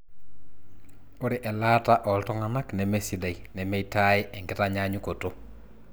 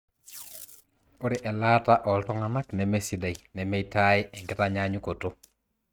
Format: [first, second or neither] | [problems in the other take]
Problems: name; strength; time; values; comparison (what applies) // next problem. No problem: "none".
first | noise reduction (neural mask model RNNoise)